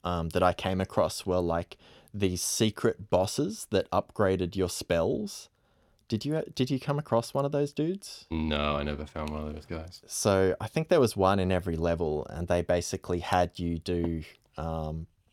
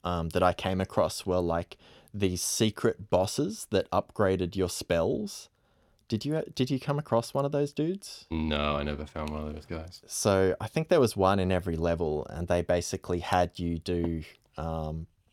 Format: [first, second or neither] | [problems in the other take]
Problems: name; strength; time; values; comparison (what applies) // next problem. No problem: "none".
neither | none